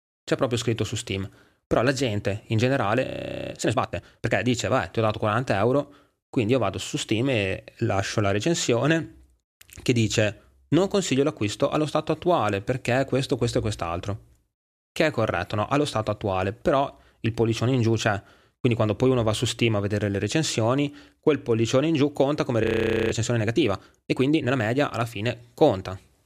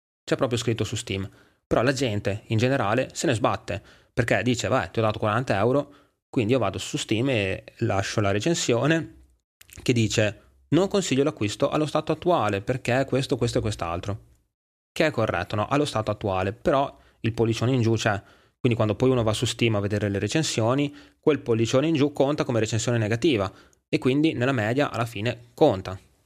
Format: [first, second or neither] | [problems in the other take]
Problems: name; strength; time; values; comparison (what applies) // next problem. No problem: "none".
second | audio freezing; at 3 s and at 23 s